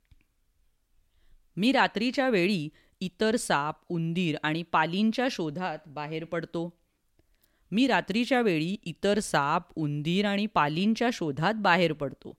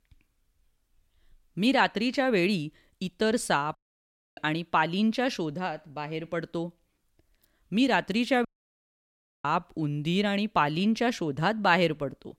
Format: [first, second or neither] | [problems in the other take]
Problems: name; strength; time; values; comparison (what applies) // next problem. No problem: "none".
first | audio cutting out; at 4 s for 0.5 s and at 8.5 s for 1 s